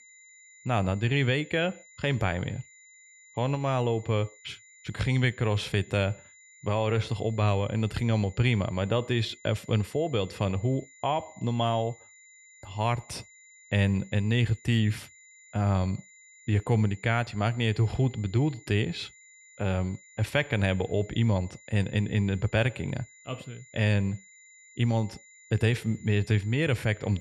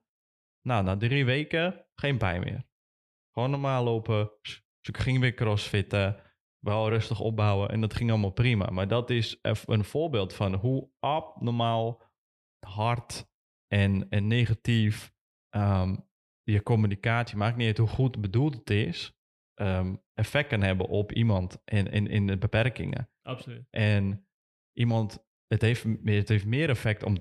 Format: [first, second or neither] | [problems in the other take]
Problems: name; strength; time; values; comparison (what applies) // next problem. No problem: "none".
second | high-pitched whine; faint; throughout; 2 kHz, 25 dB below the speech